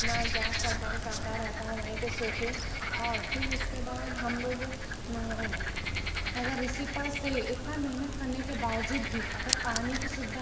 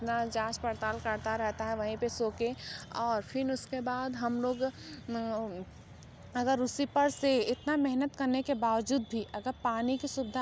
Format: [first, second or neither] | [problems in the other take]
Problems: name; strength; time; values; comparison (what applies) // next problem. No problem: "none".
second | background sound (Frog); 3 dB above the speech // room echo; dies away in 2.3 s